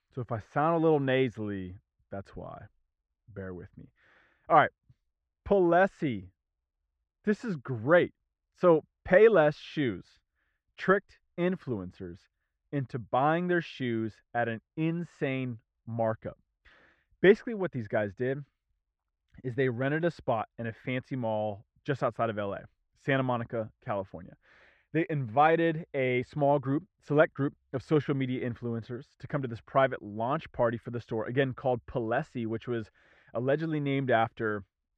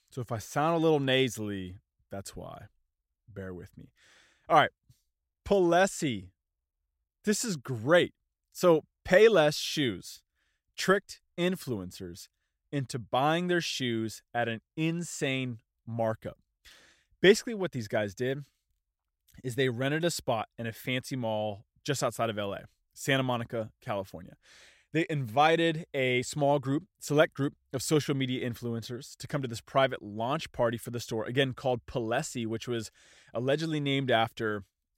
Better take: second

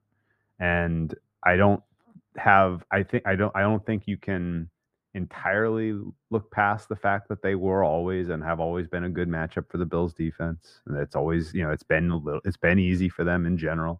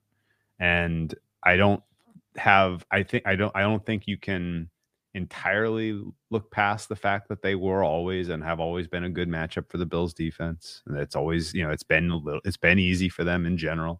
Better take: second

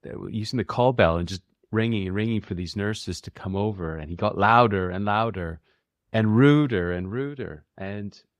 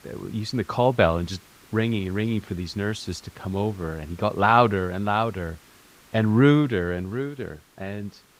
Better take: first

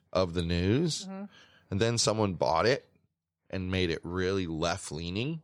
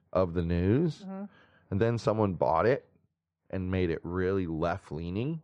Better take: first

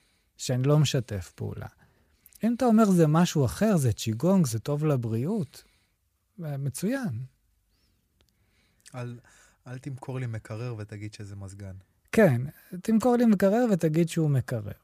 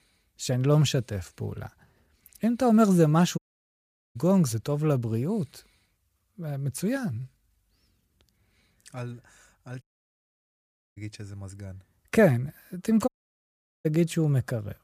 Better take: first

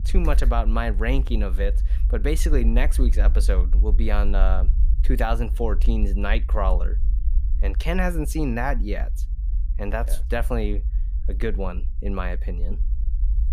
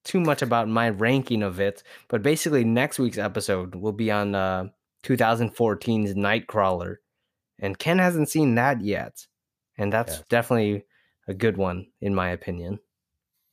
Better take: second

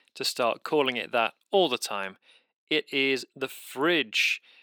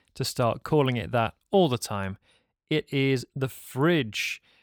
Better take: second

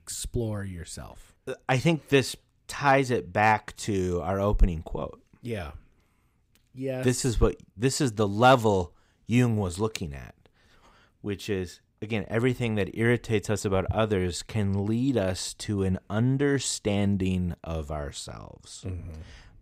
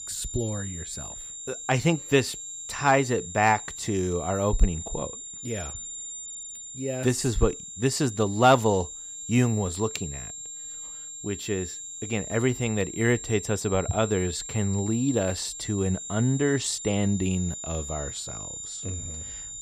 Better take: first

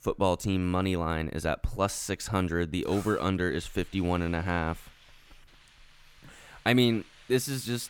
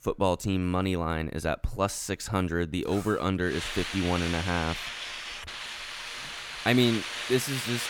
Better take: first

